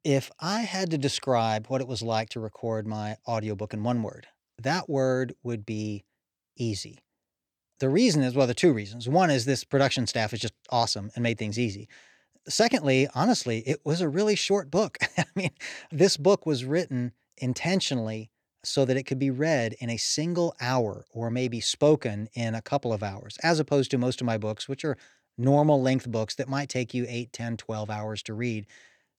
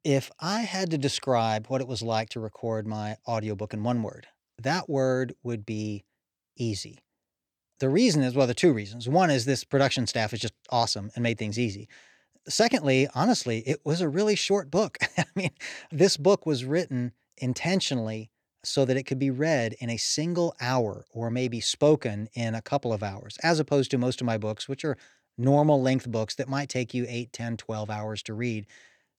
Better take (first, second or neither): neither